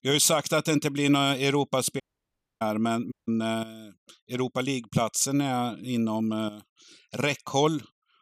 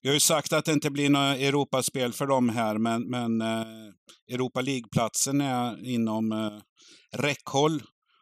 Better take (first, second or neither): second